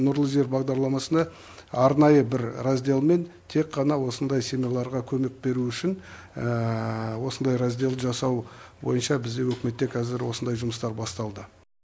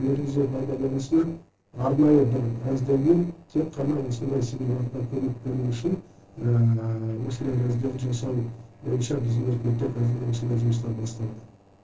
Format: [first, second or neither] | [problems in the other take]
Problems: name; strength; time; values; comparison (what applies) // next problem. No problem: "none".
first | noise reduction (neural separator model SepFormer DNS4)